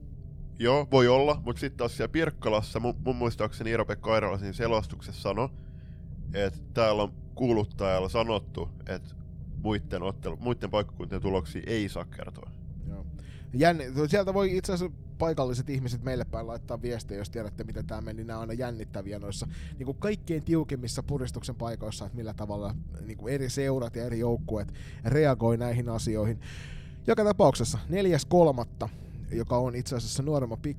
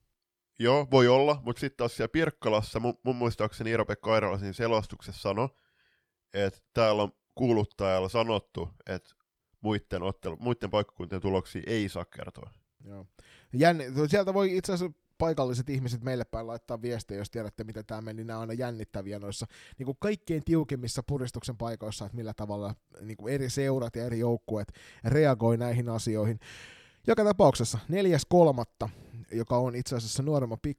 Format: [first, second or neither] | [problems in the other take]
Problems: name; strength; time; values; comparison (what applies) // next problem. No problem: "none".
second | low rumble; faint; throughout; 25 dB below the speech